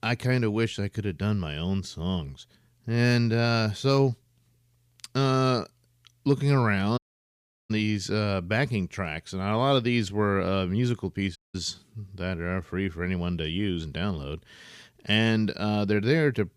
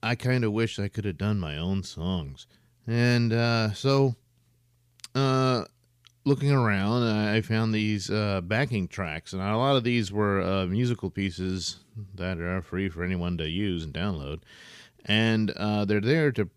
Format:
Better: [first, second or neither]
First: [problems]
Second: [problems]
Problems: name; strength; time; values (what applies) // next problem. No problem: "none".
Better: second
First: audio cutting out; at 7 s for 0.5 s and at 11 s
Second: none